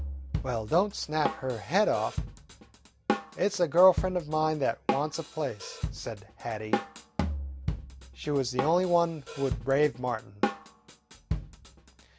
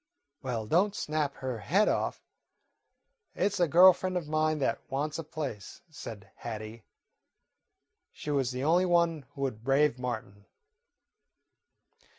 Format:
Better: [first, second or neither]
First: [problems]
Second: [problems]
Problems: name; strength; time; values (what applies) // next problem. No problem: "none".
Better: second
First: background sound (Drum kit); 6 dB below the speech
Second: none